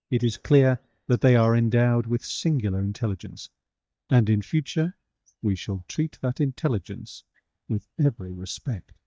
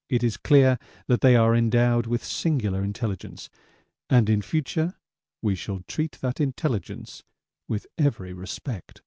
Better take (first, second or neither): second